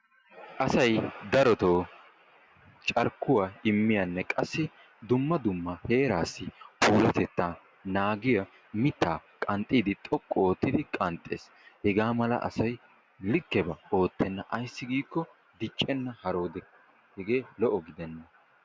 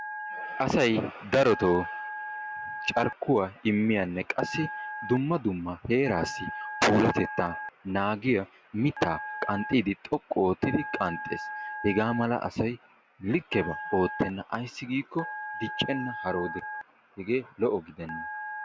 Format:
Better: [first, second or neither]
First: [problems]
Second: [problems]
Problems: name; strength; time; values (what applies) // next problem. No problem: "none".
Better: first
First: none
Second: background sound (Telephone); 10 dB below the speech